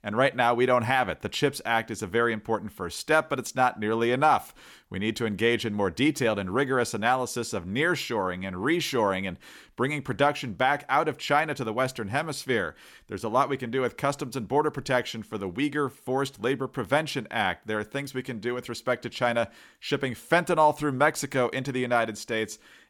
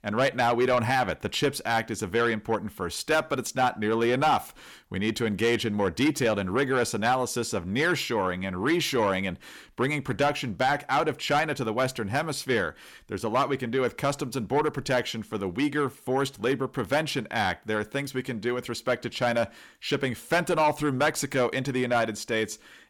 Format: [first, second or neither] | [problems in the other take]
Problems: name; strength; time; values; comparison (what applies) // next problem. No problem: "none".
first | distortion; slight; 10 dB below the speech